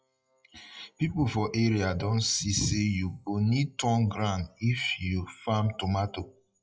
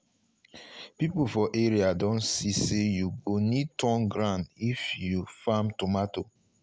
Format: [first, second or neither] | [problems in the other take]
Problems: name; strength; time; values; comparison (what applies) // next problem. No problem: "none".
second | noise reduction (classical method WPE with log-MMSE)